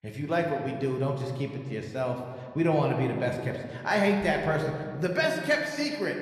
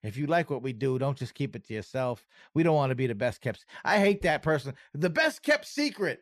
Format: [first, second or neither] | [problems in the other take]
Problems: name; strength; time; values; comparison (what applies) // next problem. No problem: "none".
second | room echo; slight; dies away in 1.6 s